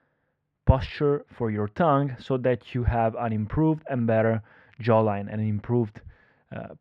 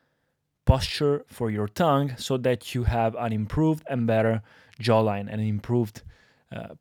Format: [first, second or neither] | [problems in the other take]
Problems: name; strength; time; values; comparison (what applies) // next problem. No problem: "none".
second | muffled; very; fading above 2 kHz